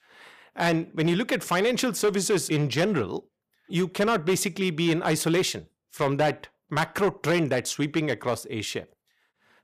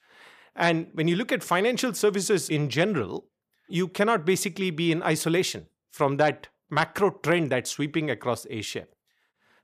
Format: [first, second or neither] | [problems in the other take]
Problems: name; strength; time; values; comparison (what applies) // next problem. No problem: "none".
second | distortion; slight; 6% of the sound clipped